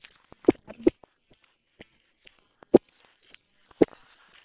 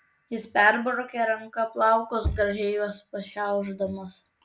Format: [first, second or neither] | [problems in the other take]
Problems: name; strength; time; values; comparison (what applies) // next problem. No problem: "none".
second | noise reduction (neural separator model SepFormer WHAM!)